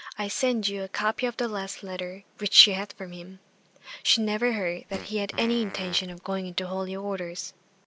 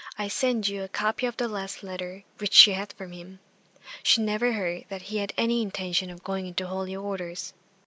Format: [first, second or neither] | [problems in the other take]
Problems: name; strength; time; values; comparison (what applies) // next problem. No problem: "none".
second | background sound (Fart); 15 dB below the speech